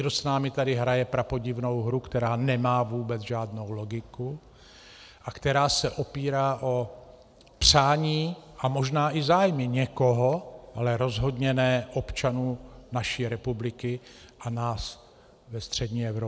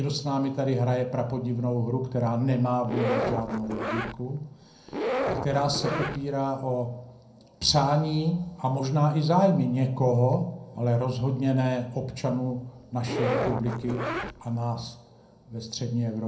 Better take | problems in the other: first | background sound (Zipper (clothing)); 5 dB below the speech // room echo; dies away in 0.5 s

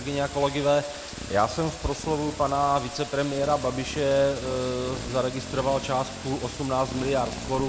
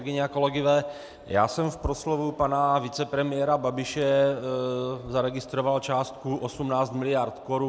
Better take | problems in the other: second | background sound (Motorcycle + Bathtub (filling or washing)); 11 dB below the speech

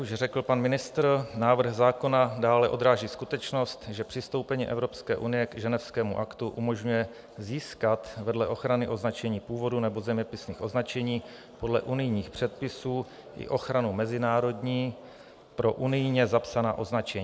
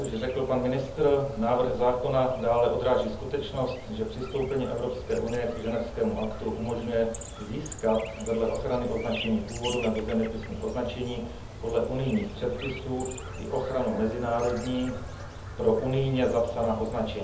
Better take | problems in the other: first | background sound (Chirp, tweet); 11 dB below the speech // room echo; dies away in 0.6 s

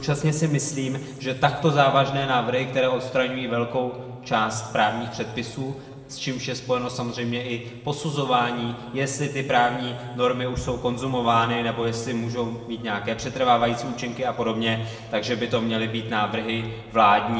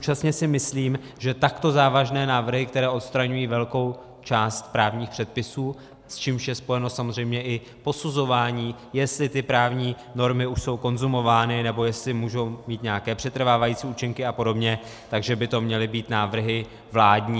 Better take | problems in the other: second | room echo; dies away in 1.7 s

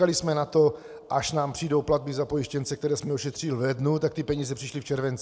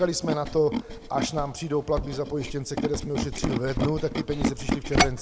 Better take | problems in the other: first | background sound (Tools); 1 dB below the speech

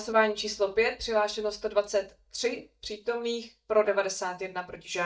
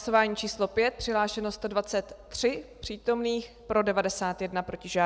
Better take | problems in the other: second | noise reduction (neural mask model DeepFilterNet 3)

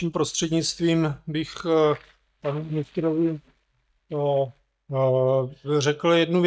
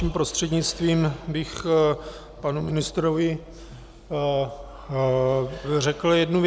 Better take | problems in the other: second | noise reduction (neural mask model DeepFilterNet 3)

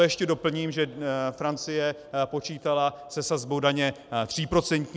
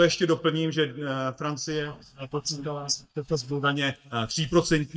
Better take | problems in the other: first | noise reduction (neural mask model DeepFilterNet 3)

